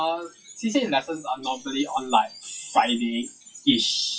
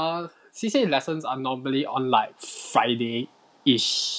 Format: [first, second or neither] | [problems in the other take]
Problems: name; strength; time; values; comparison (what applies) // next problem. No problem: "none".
second | noise reduction (classical method WPE with log-MMSE)